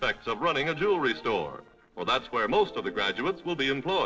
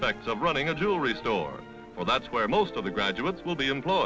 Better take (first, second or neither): second